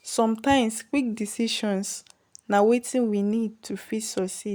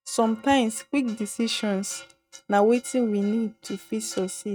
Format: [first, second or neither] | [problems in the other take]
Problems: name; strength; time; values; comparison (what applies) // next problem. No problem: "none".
first | noise reduction (neural mask model RNNoise)